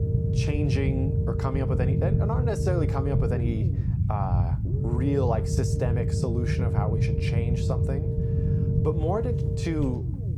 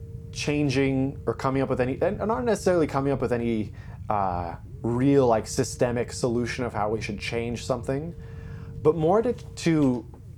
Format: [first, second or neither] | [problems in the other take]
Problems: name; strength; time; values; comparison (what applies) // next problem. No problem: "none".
second | low rumble; loud; throughout; 3 dB below the speech; faint in the second